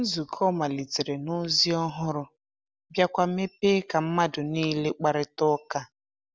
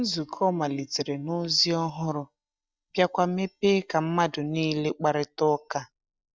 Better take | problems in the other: first | noise reduction (neural mask model DeepFilterNet 3)

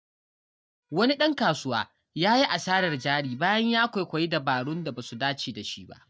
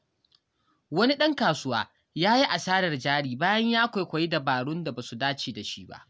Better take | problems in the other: second | noise reduction (neural mask model DeepFilterNet 3)

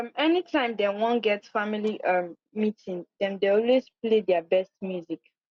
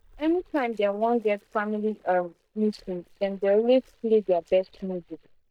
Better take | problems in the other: first | noise reduction (neural mask model DeepFilterNet 3)

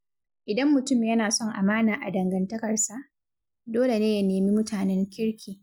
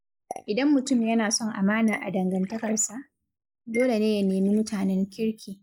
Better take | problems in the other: first | noise reduction (neural mask model Resemble Enhance denoiser)

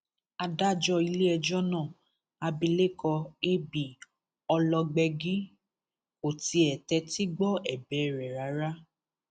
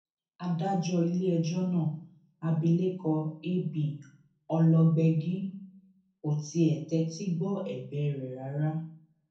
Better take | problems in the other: first | room echo; dies away in 0.5 s

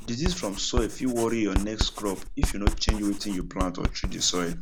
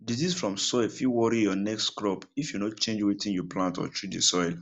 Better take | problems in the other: second | background sound (Writing); as loud as the speech

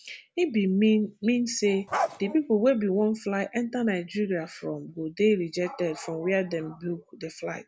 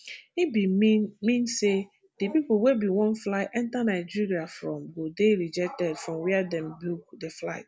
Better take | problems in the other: second | background sound (Bark); 6 dB below the speech

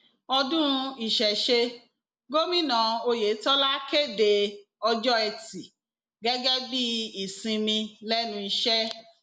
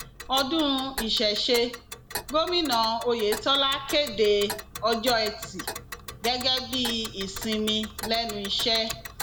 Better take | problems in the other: first | background sound (Tick); 11 dB below the speech

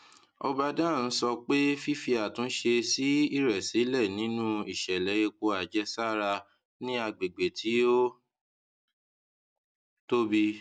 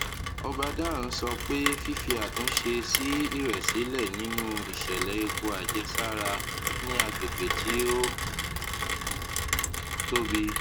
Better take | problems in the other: first | background sound (Rain); 1 dB above the speech

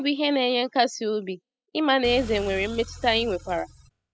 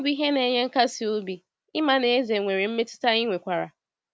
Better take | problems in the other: second | noise reduction (classical method spectral subtraction)

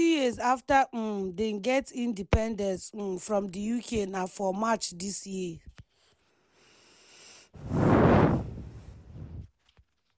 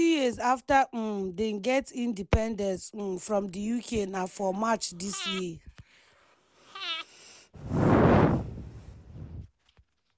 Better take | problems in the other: first | background sound (Breathing); 13 dB below the speech

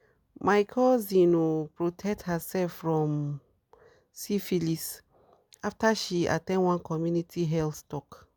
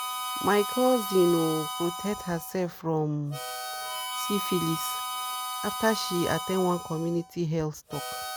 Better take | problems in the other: first | background sound (Harmonica); 6 dB below the speech

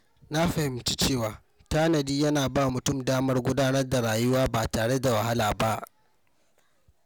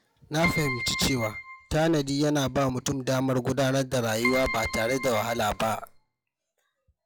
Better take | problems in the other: first | noise reduction (classical method log-MMSE)

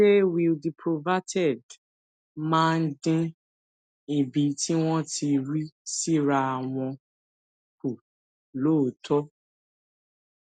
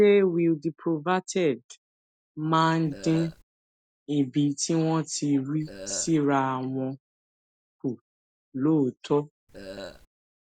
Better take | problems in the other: first | noise reduction (neural mask model DeepFilterNet 3)

